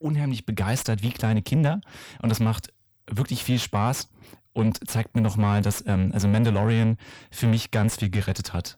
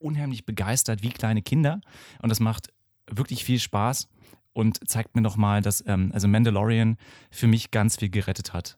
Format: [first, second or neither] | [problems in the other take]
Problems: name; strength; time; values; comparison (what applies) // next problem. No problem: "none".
second | distortion; slight; 10 dB below the speech